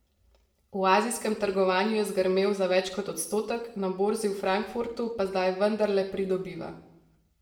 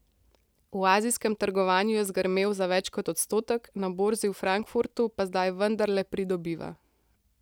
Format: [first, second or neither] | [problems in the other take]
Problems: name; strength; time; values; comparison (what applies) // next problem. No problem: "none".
second | room echo; dies away in 0.6 s